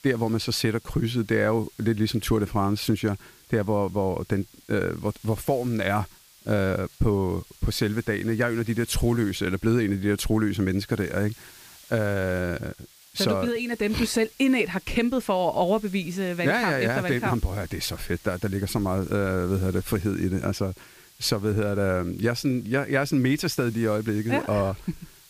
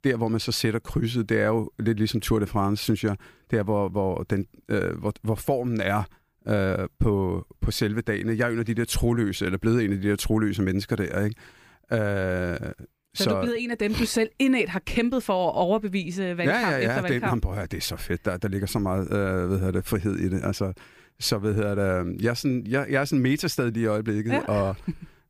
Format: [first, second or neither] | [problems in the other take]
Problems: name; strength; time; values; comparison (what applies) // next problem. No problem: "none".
second | hiss; faint; throughout; 25 dB below the speech